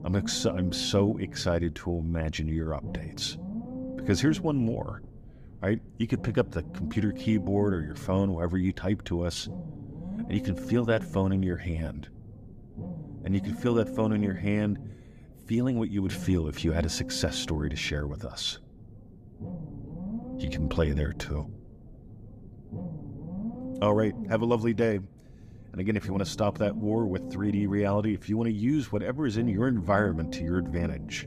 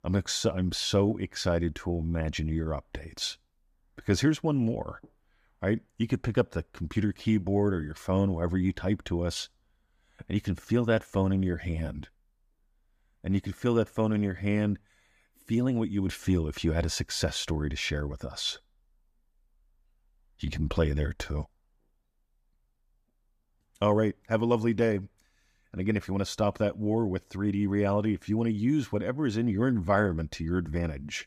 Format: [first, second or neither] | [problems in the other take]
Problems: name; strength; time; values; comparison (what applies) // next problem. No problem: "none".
second | low rumble; noticeable; throughout; 15 dB below the speech